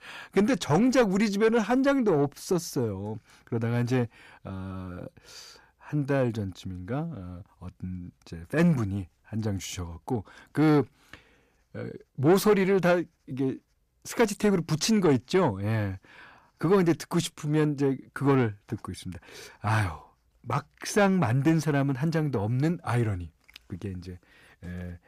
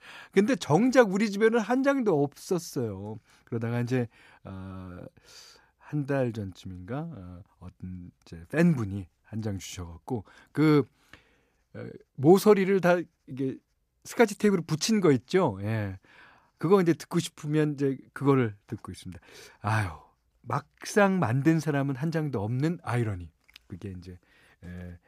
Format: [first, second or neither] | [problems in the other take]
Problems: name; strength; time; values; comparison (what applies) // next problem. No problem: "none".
second | distortion; slight; 10 dB below the speech